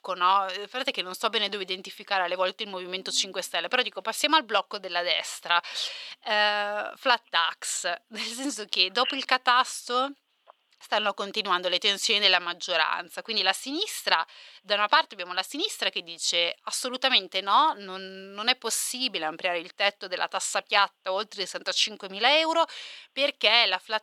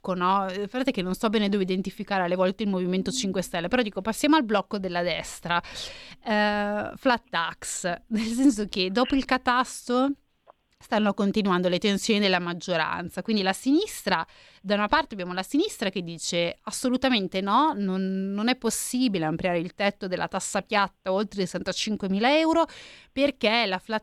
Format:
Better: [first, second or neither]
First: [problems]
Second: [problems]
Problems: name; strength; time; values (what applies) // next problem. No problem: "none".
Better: second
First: thin; very; fading below 650 Hz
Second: none